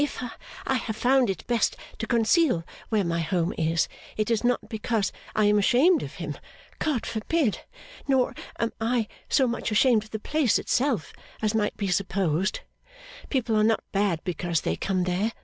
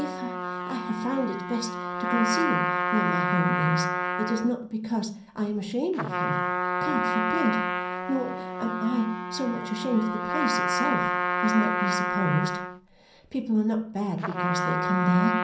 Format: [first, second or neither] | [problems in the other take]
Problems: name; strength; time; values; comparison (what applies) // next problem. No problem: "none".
first | background sound (Trumpet); as loud as the speech // room echo; dies away in 0.6 s